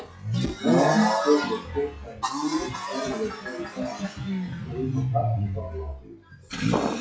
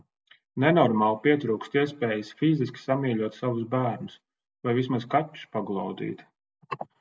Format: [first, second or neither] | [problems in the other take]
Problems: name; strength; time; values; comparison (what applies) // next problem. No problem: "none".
second | noise reduction (classical method WPE with log-MMSE)